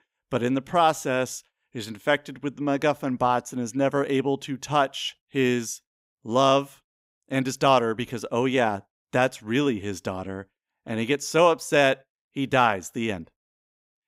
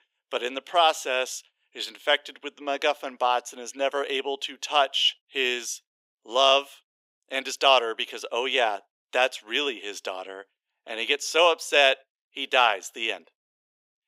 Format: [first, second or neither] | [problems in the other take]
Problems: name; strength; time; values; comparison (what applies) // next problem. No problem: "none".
first | thin; very; fading below 400 Hz